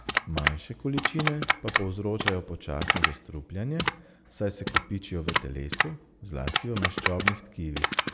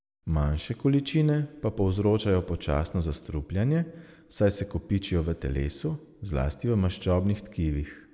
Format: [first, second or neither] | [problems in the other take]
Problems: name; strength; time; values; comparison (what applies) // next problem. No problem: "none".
second | background sound (Typing); 2 dB above the speech